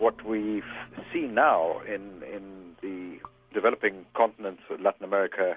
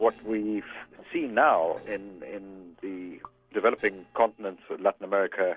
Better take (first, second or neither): first